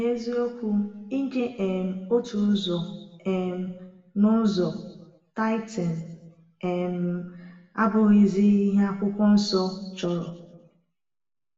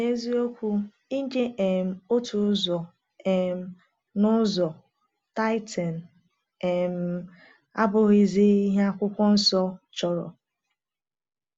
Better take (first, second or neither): second